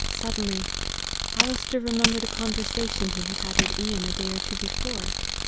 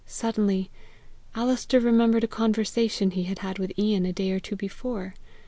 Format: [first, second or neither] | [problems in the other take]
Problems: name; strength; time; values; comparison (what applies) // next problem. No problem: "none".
second | background sound (Tools + Tools); 4 dB above the speech